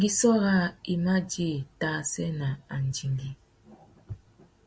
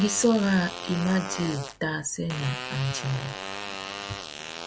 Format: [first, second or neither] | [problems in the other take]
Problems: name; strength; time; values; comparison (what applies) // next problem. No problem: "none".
first | background sound (Fart); 9 dB below the speech